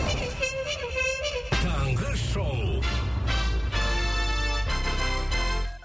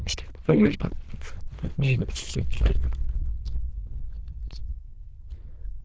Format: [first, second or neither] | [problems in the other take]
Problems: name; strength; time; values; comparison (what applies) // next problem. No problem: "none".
first | noise reduction (neural diffusion model UNIVERSE++)